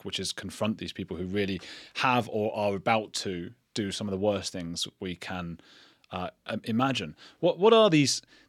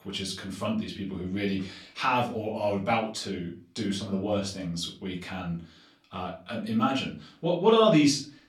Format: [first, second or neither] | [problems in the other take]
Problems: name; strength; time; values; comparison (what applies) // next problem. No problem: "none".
first | off-mic speech; far // room echo; slight; dies away in 0.3 s